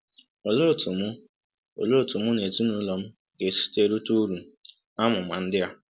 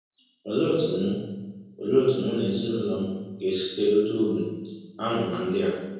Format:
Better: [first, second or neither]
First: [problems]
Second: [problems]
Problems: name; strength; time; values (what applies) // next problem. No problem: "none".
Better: first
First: none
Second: room echo; dies away in 1.3 s